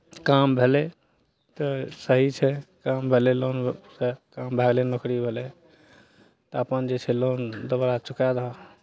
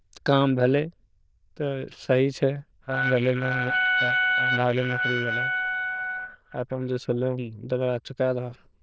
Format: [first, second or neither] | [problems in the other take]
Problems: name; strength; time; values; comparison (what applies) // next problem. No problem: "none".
first | noise reduction (neural diffusion model UNIVERSE++)